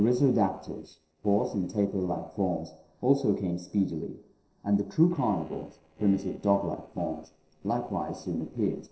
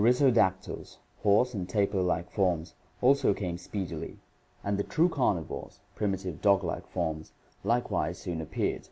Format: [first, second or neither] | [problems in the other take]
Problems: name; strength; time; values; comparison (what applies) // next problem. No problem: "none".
second | noise reduction (neural separator model SepFormer DNS4)